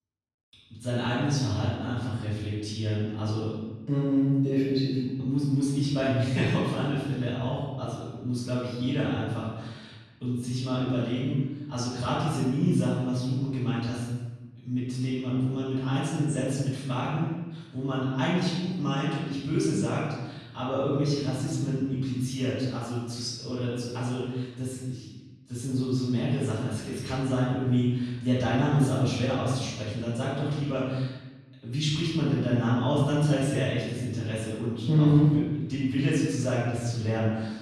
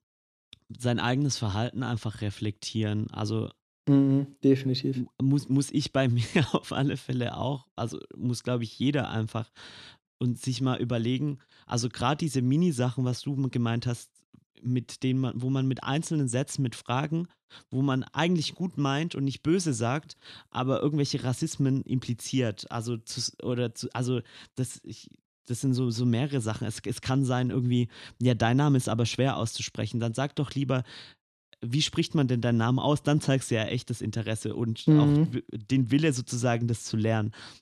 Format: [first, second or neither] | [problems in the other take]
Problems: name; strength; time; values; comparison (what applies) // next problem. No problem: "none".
second | room echo; strong; dies away in 1 s // off-mic speech; far